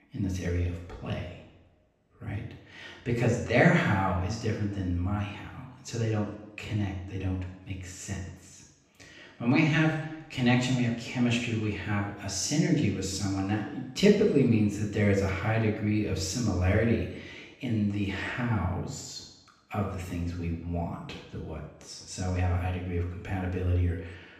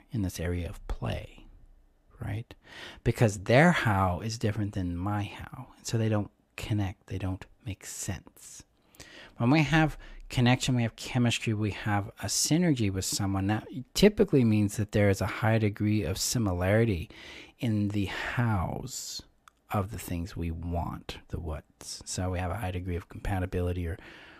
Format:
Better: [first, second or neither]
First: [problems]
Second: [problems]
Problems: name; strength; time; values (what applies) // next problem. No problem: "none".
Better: second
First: room echo; noticeable; dies away in 0.9 s // off-mic speech; far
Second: none